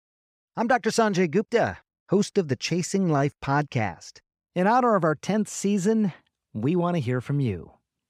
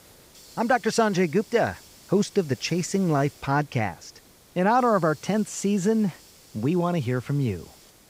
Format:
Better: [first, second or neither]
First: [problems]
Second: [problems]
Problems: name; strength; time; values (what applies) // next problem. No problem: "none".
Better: first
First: none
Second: hiss; faint; throughout; 25 dB below the speech